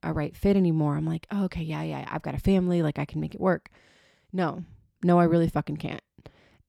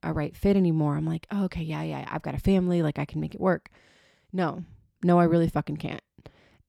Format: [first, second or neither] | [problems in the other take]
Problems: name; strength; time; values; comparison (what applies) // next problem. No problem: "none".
neither | none